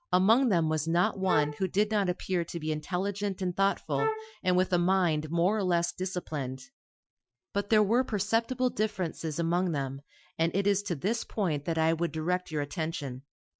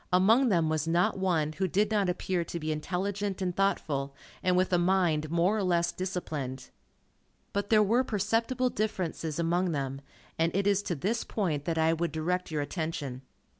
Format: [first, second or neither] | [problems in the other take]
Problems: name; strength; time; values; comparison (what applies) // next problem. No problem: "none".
second | noise reduction (classical method Wiener filter)